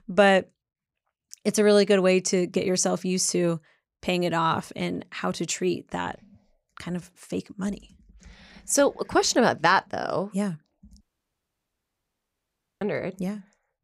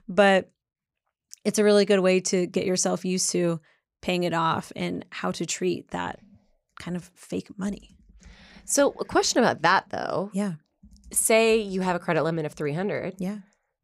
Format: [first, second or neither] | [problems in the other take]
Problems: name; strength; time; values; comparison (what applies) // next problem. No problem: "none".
second | audio cutting out; at 11 s for 2 s